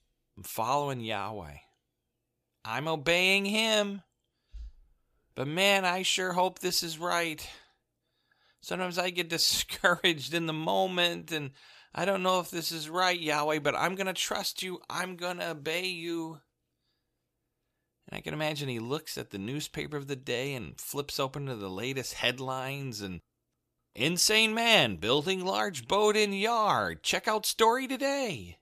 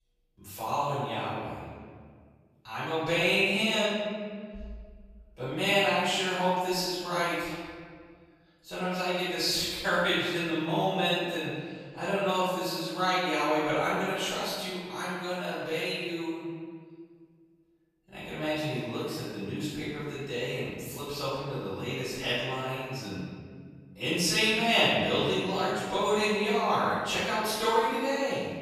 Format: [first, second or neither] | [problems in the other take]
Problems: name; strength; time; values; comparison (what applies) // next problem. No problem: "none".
first | off-mic speech; far // room echo; strong; dies away in 1.8 s